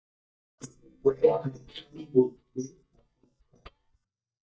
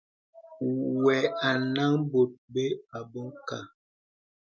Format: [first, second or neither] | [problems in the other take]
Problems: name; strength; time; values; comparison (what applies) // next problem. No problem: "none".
second | noise reduction (neural mask model DeepFilterNet 3)